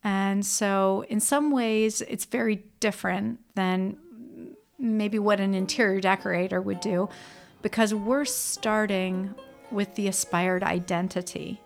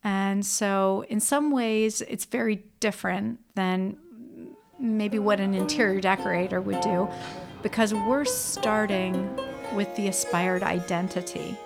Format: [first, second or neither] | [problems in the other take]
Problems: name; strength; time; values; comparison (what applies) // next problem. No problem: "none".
first | background music; loud; from 5.5 s on; 8 dB below the speech; faint in the first